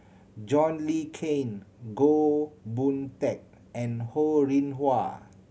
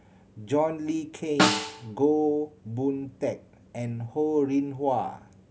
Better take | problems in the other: first | background sound (Snare drum); 3 dB below the speech

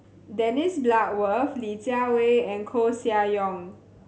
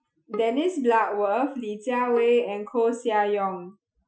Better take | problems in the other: first | noise reduction (classical method Wiener filter)

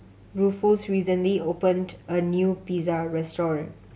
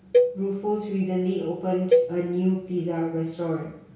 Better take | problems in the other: first | background sound (Cowbell); as loud as the speech // room echo; dies away in 0.6 s

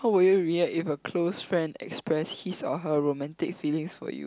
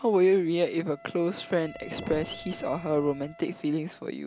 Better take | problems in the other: first | background sound (Sink (filling or washing) + Wind instrument, woodwind instrument); 18 dB below the speech

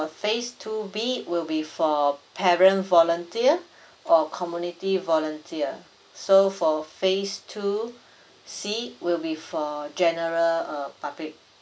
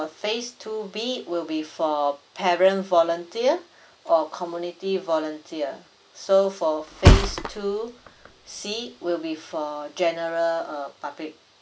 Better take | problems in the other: first | background sound (Thump, thud); 4 dB above the speech

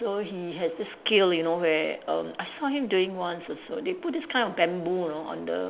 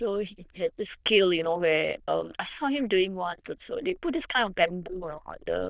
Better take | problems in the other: first | noise reduction (neural diffusion model UNIVERSE++)

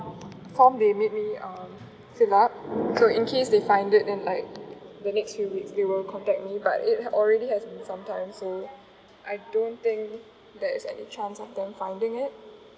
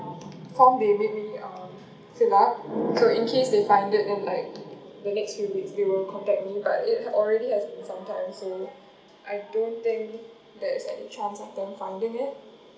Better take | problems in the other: first | room echo; dies away in 0.4 s

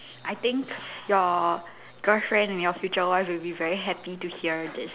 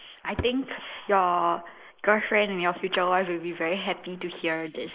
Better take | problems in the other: first | noise reduction (neural mask model Resemble Enhance denoiser)

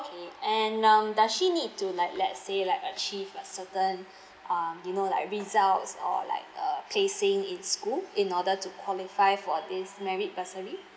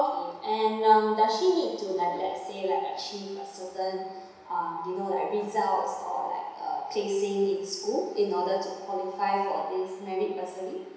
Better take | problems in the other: first | room echo; dies away in 1 s

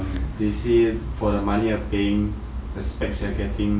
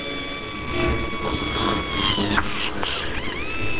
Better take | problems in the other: first | noise reduction (neural separator model SepFormer WHAMR!)

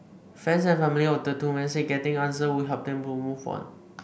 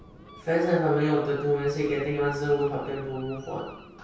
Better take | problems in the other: first | background sound (Gull, seagull); 20 dB below the speech // room echo; dies away in 0.6 s

